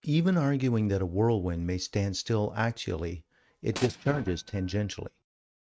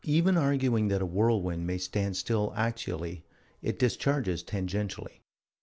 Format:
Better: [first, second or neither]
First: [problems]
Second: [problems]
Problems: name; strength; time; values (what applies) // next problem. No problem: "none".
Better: second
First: noise reduction (neural mask model RNNoise)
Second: none